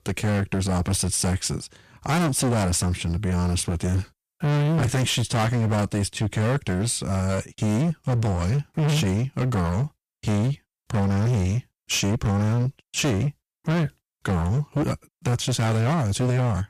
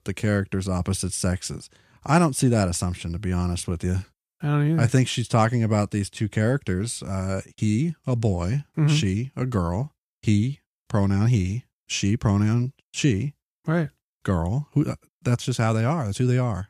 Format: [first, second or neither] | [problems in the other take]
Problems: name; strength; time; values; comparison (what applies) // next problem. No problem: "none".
second | distortion; heavy; 27% of the sound clipped